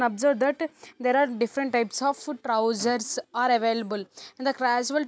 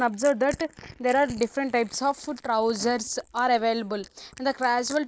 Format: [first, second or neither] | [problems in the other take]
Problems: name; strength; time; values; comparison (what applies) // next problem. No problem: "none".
first | noise reduction (neural mask model Resemble Enhance denoiser)